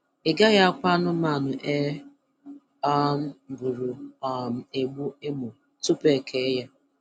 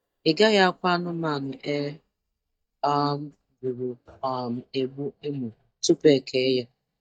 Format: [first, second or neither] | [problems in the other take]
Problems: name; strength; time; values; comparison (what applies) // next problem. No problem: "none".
first | noise reduction (neural mask model DeepFilterNet 3)